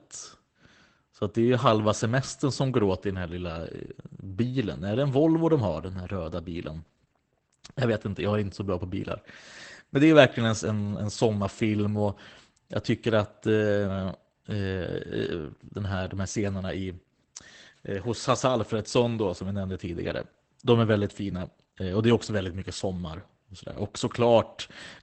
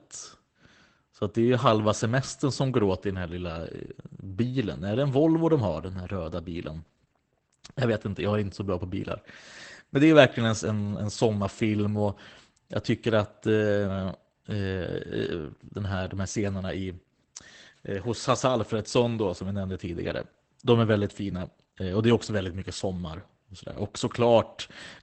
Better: neither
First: garbled, watery; badly; nothing above 8 kHz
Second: garbled, watery; badly; nothing above 8 kHz

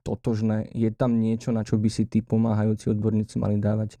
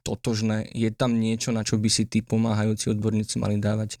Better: second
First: muffled; slightly; fading above 1.5 kHz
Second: none

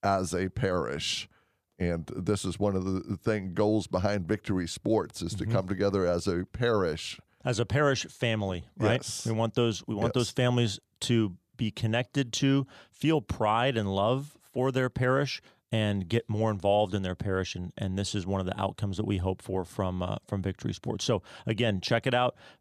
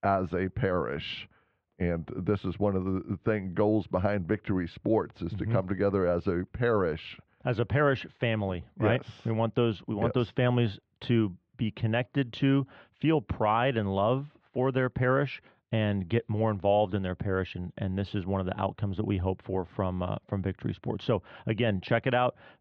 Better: first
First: none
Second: muffled; very; fading above 3 kHz

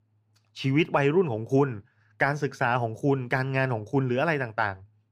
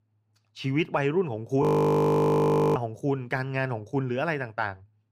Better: first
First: none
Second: audio freezing; at 1.5 s for 1 s

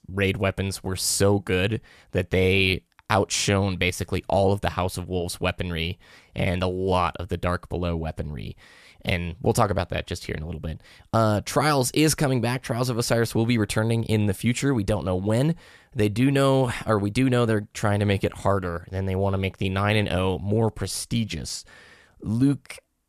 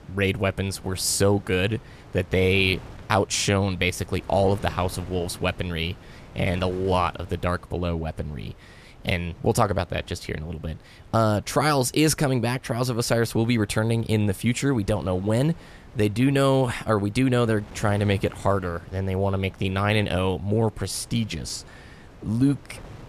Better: first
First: none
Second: wind noise on the microphone; occasional gusts; 25 dB below the speech

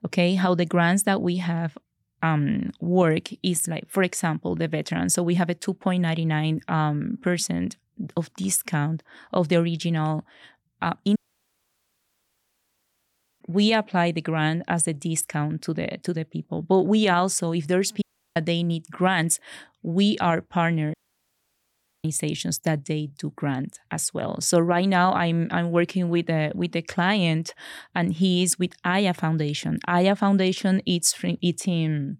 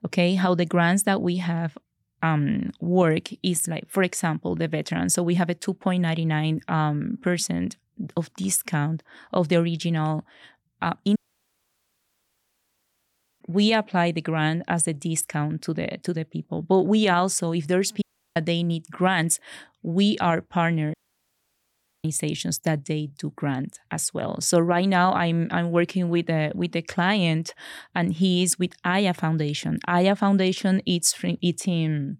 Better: neither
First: audio cutting out; at 11 s for 2.5 s, at 18 s and at 21 s for 1 s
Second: audio cutting out; at 11 s for 2.5 s, at 18 s and at 21 s for 1 s

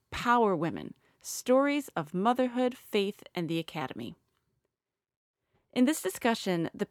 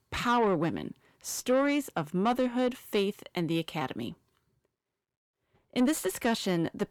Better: first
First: none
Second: distortion; slight; 10 dB below the speech

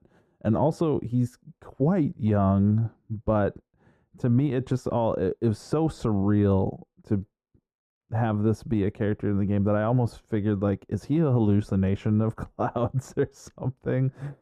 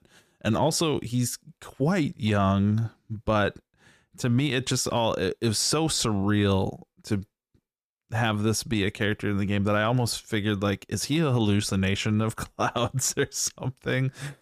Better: second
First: muffled; very; fading above 1.5 kHz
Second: none

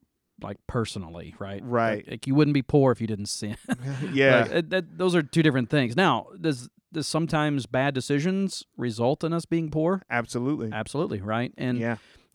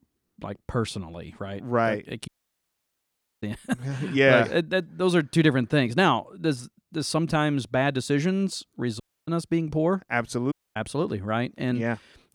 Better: first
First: none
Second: audio cutting out; at 2.5 s for 1 s, at 9 s and at 11 s

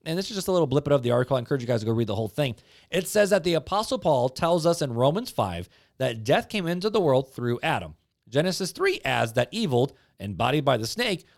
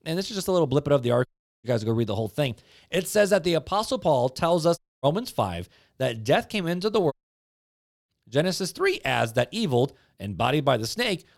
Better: first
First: none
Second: audio cutting out; at 1.5 s, at 5 s and at 7 s for 1 s

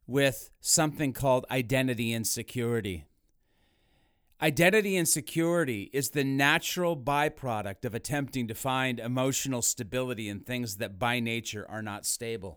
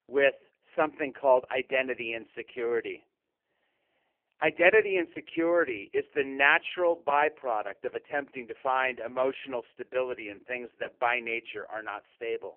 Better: first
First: none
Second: phone-call audio; poor line; nothing above 3 kHz

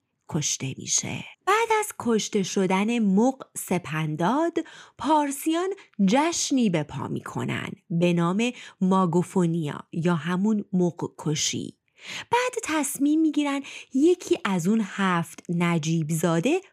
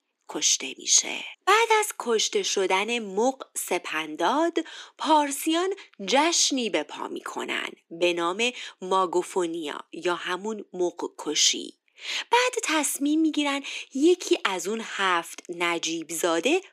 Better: first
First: none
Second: thin; somewhat; fading below 300 Hz

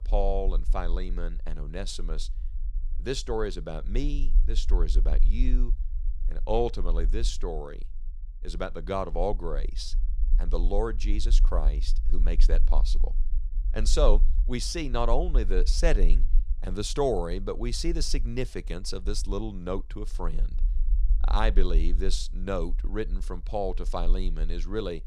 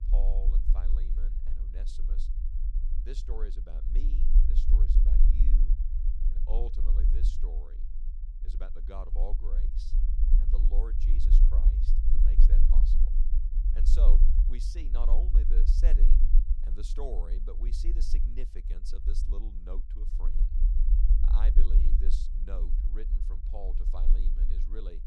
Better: first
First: low rumble; faint; throughout; 25 dB below the speech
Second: low rumble; loud; throughout; 4 dB below the speech

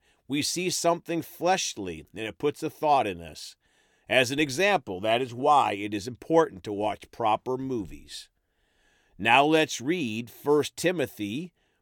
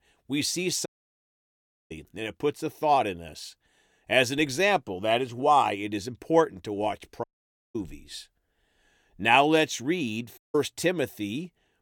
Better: first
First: none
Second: audio cutting out; at 1 s for 1 s, at 7 s for 0.5 s and at 10 s

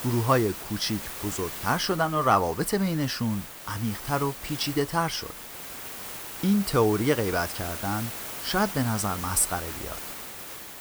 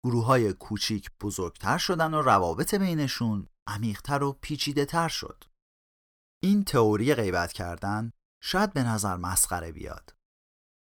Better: second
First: hiss; loud; throughout; 9 dB below the speech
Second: none

